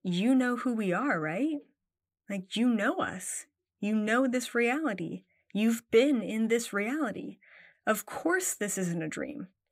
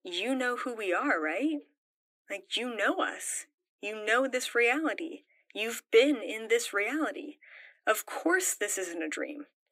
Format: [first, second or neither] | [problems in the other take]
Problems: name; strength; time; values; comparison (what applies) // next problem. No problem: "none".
first | thin; somewhat; fading below 300 Hz